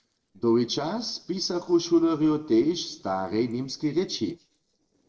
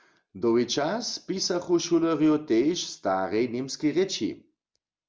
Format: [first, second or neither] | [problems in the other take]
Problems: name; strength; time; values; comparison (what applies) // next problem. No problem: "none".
second | noise reduction (neural separator model SepFormer DNS4)